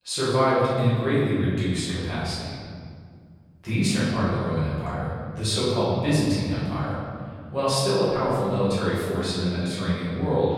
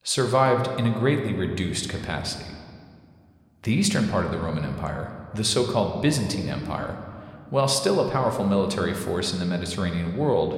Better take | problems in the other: second | room echo; strong; dies away in 2.1 s; slight in the second // off-mic speech; far

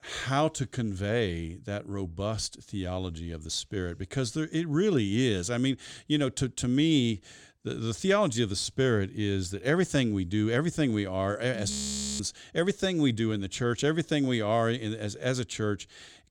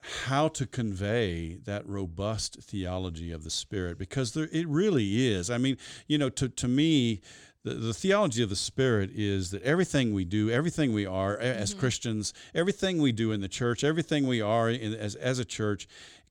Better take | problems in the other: second | audio freezing; at 12 s

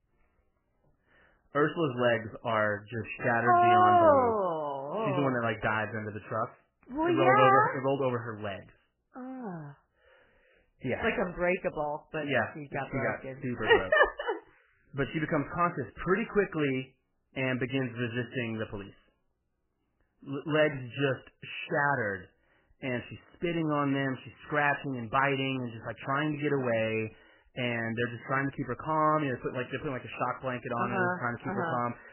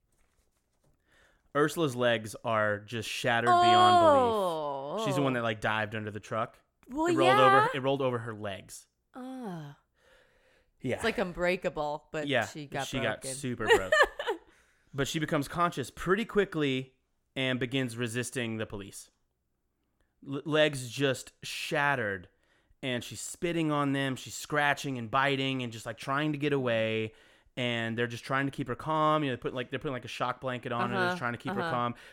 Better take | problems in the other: second | garbled, watery; badly; nothing above 3 kHz

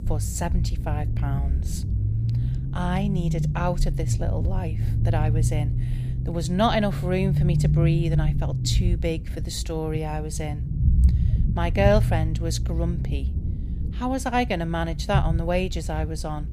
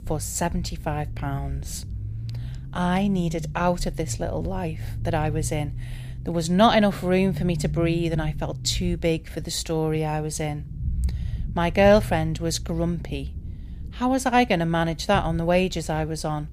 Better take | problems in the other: second | low rumble; loud; throughout; 10 dB below the speech; faint in the second

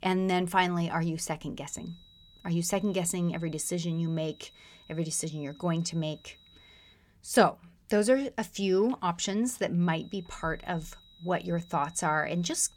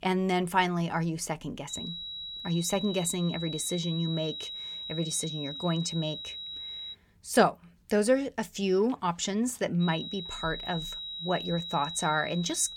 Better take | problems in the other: first | high-pitched whine; loud; from 1.5 to 7 s and from 10 s on; 4 kHz, 7 dB below the speech; faint in the first

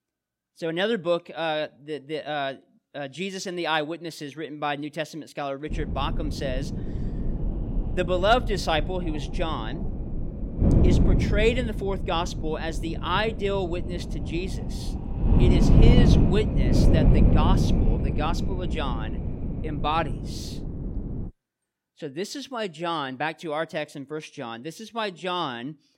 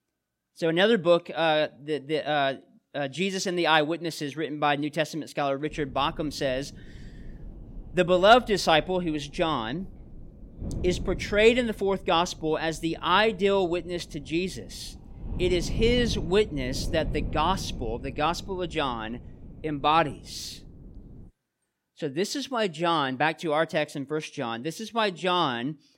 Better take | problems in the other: second | wind noise on the microphone; heavy; from 5.5 to 21 s; 6 dB below the speech; occasional gusts in the second

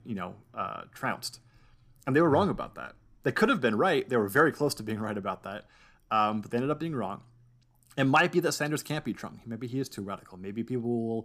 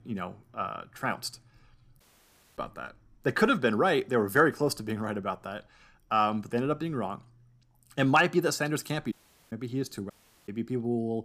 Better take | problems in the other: first | audio cutting out; at 2 s for 0.5 s, at 9 s and at 10 s

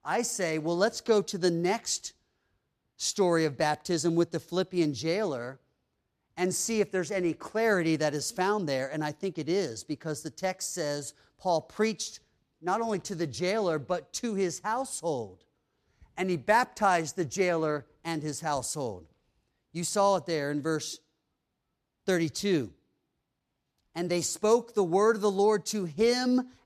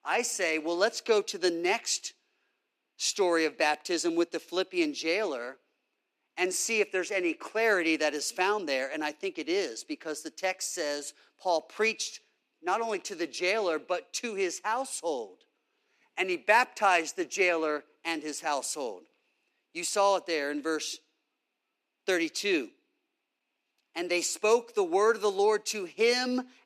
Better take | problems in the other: first | thin; somewhat; fading below 250 Hz

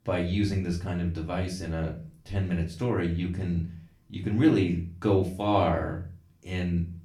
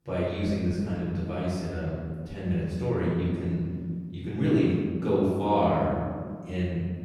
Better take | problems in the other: first | room echo; strong; dies away in 2 s; slight in the first // off-mic speech; far; far in the first

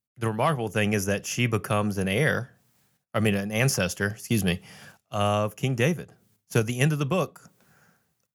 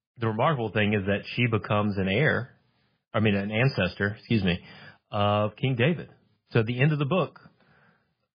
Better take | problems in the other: first | garbled, watery; badly; nothing above 5 kHz

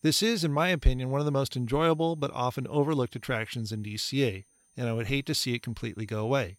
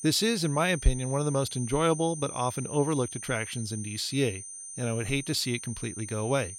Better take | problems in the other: first | high-pitched whine; loud; throughout; 9 kHz, 9 dB below the speech; faint in the first

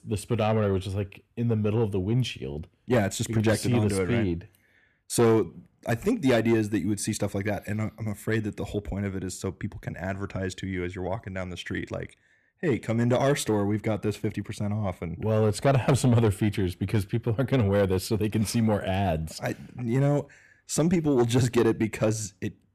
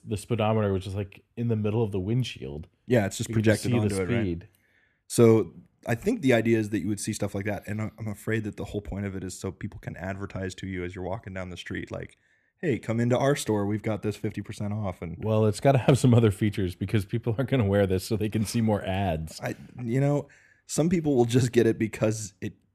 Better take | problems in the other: second | distortion; slight; 10 dB below the speech

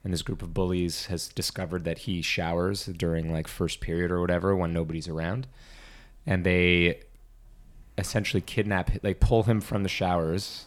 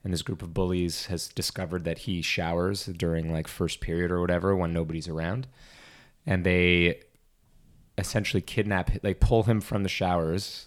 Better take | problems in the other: second | traffic noise; faint; throughout; 30 dB below the speech

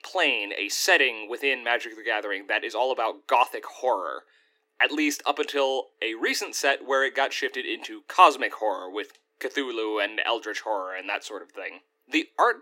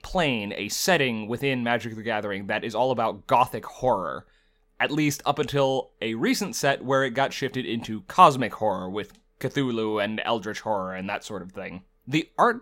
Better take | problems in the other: second | thin; somewhat; fading below 300 Hz

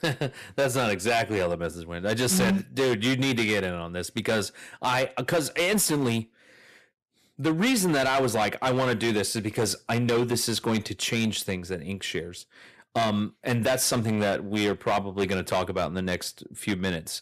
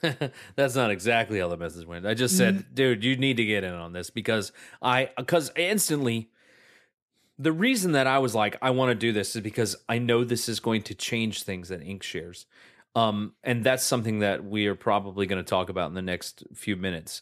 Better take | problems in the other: second | distortion; heavy; 10% of the sound clipped

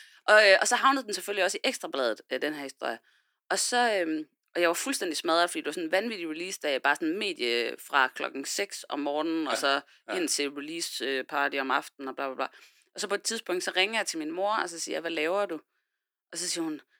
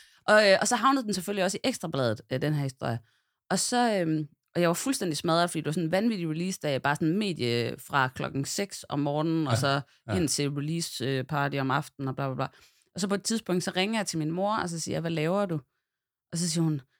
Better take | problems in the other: second | thin; somewhat; fading below 300 Hz

